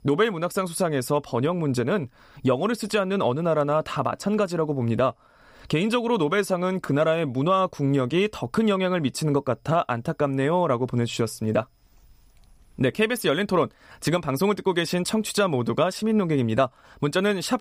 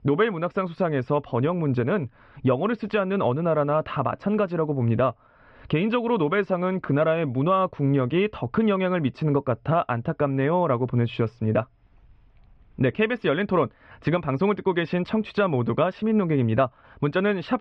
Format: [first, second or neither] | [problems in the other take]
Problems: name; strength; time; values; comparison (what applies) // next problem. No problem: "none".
first | muffled; very; fading above 3 kHz